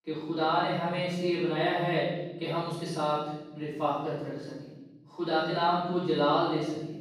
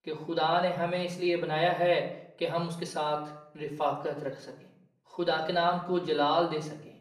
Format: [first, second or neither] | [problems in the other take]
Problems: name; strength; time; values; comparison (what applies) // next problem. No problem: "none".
second | room echo; strong; dies away in 1.4 s; slight in the second // off-mic speech; far; far in the second